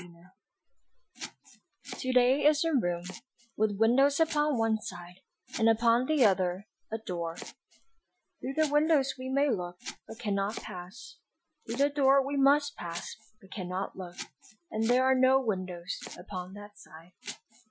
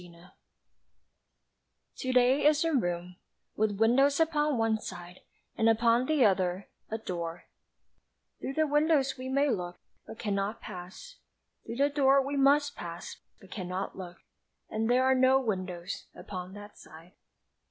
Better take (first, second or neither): second